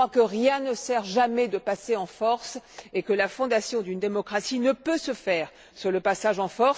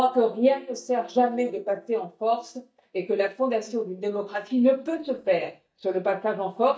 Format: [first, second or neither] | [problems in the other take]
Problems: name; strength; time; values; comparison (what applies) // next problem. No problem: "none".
first | noise reduction (neural mask model DeepFilterNet 3)